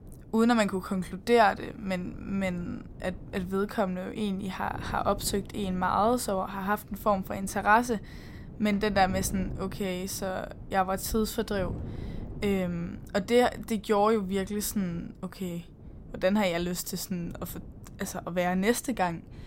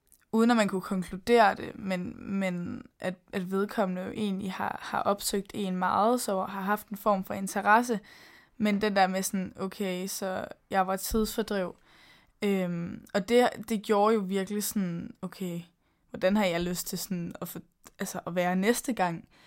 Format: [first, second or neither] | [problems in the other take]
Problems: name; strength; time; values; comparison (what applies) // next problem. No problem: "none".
second | wind noise on the microphone; occasional gusts; 25 dB below the speech